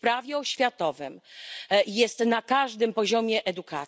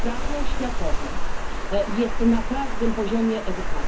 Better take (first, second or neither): first